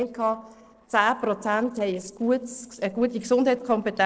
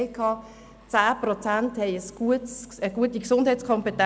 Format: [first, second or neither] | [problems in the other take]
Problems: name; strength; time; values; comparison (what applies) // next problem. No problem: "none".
second | noise reduction (neural separator model SepFormer DNS4)